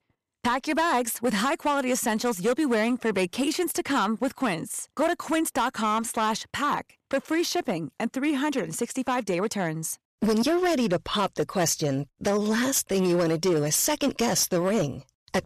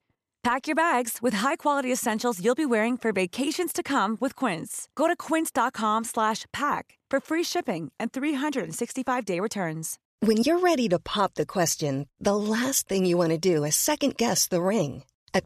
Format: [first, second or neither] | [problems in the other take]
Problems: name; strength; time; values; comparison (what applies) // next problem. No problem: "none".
second | distortion; slight; 8% of the sound clipped